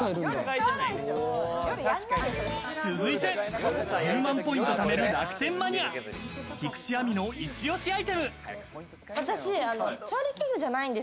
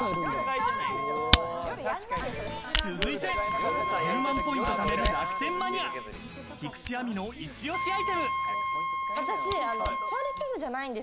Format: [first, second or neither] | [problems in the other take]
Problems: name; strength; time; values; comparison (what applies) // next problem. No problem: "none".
first | background sound (Camera + Wind instrument, woodwind instrument); 1 dB above the speech